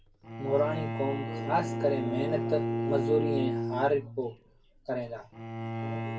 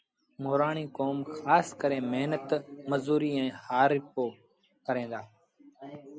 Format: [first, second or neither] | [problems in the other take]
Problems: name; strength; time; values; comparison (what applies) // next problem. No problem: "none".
second | background sound (Bowed string instrument); 2 dB below the speech // room echo; dies away in 0.2 s